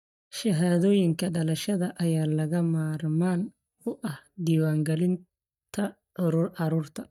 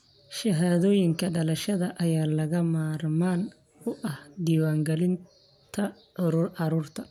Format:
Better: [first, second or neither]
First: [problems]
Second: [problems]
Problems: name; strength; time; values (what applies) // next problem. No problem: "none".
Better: second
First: noise reduction (neural mask model DeepFilterNet 3)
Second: none